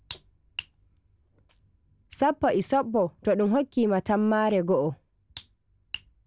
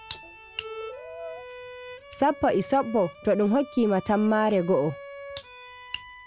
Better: first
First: none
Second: background sound (Brass instrument + Bowed string instrument); 15 dB below the speech

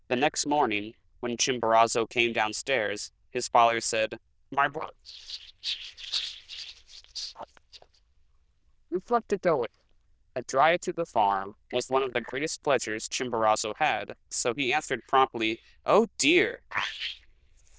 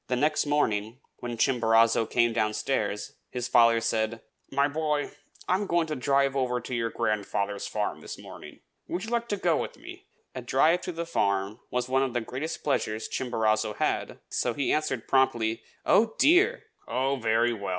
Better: second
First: noise reduction (neural diffusion model UNIVERSE++)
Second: none

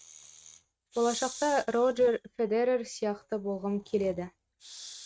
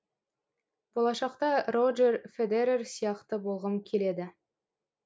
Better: second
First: noise reduction (neural mask model RNNoise)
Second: none

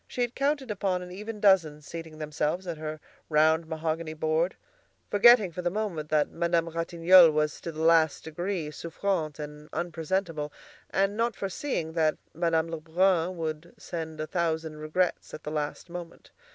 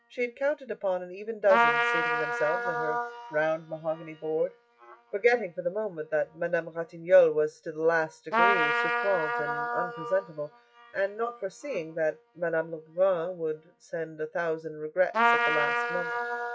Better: first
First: none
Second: noise reduction (classical method WPE with log-MMSE)

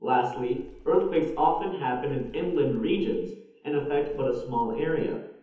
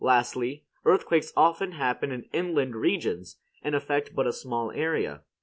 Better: second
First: background sound (Wind); 18 dB below the speech // room echo; dies away in 1.3 s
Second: none

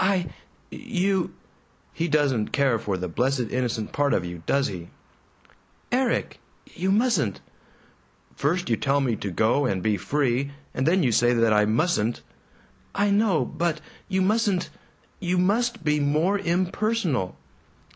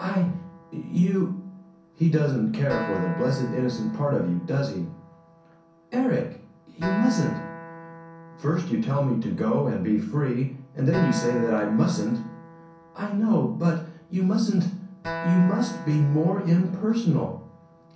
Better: first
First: none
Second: background sound (Acoustic guitar); 14 dB below the speech // room echo; dies away in 0.6 s

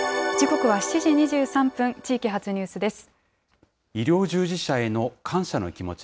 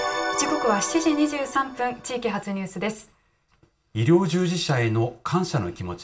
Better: first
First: none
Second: room echo; dies away in 0.2 s

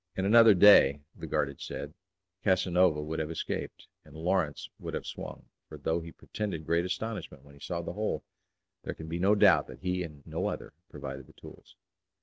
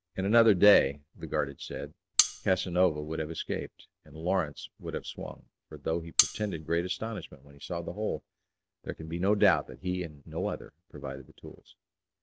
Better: first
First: none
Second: background sound (Cutlery, silverware); 1 dB below the speech

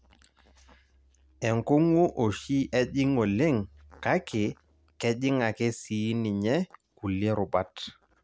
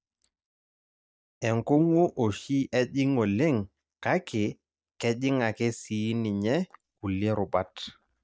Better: first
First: none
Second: noise reduction (neural mask model DeepFilterNet 3)

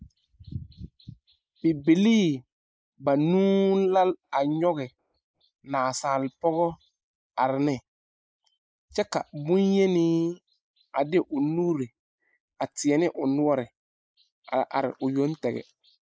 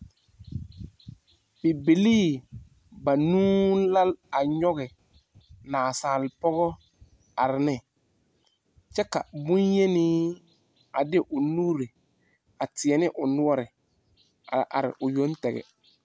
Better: second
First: noise reduction (neural mask model Resemble Enhance denoiser)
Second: none

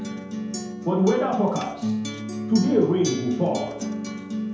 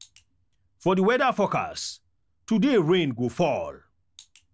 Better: second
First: background sound (Acoustic guitar); 6 dB below the speech // room echo; dies away in 0.8 s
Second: none

